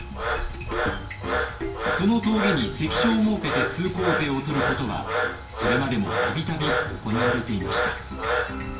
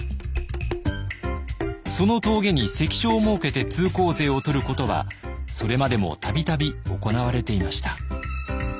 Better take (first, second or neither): second